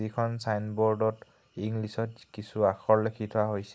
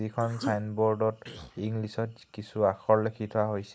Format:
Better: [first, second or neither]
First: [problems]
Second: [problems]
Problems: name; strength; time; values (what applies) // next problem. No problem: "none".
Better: first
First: none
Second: noise reduction (neural mask model Resemble Enhance denoiser)